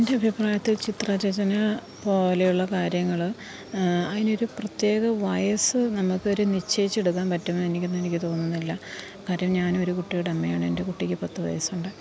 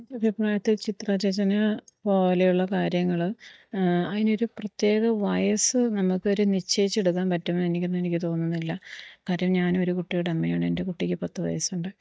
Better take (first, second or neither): first